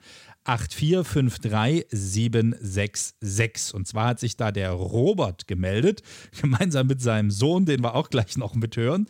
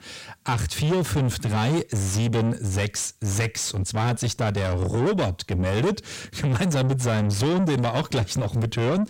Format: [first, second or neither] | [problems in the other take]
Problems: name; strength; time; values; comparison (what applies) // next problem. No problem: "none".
first | distortion; heavy; 7 dB below the speech